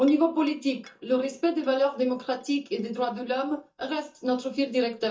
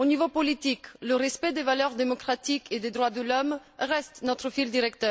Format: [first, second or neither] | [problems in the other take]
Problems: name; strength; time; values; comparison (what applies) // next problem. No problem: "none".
second | noise reduction (neural mask model DeepFilterNet 3)